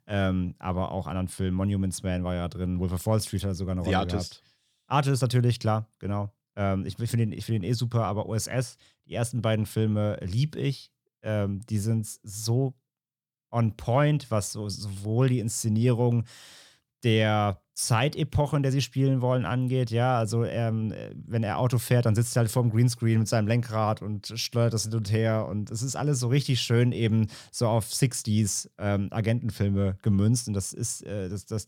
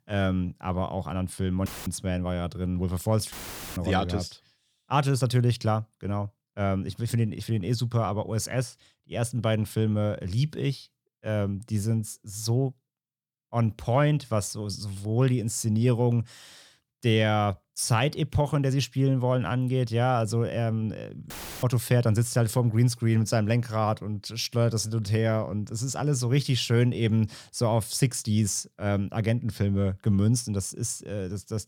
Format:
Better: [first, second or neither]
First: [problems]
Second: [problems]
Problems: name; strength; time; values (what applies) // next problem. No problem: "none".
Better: first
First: none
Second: audio cutting out; filled with static; at 1.5 s, at 3.5 s and at 21 s